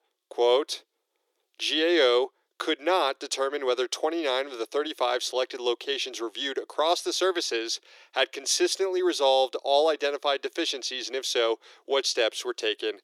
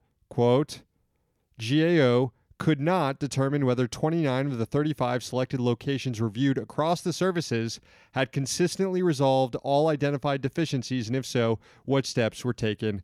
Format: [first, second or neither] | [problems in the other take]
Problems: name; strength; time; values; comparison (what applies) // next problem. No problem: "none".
second | thin; very; fading below 350 Hz